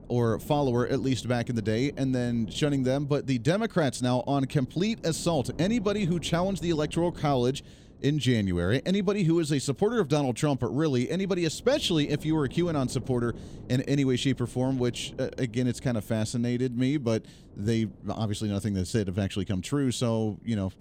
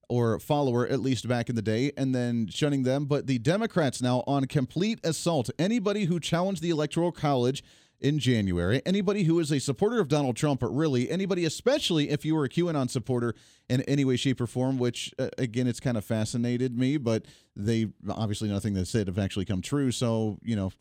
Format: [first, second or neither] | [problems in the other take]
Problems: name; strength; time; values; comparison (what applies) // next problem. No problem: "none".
second | wind noise on the microphone; occasional gusts; 20 dB below the speech